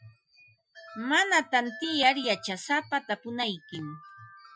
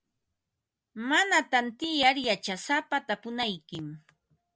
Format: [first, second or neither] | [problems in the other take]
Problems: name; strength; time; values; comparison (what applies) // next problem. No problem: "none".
second | noise reduction (classical method Wiener filter)